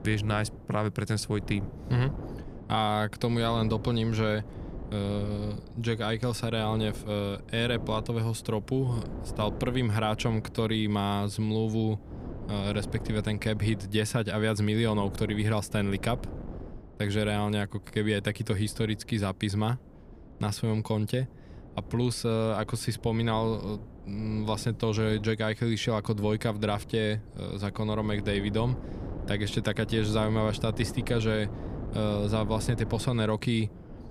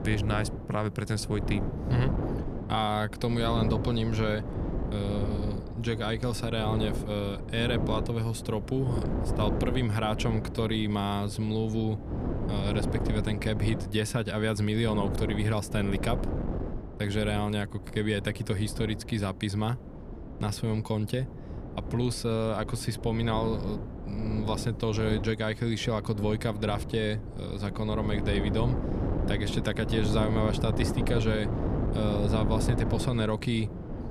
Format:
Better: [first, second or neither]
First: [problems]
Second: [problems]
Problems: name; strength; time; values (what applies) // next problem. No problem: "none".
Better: first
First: wind noise on the microphone; occasional gusts; 15 dB below the speech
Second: wind noise on the microphone; heavy; 7 dB below the speech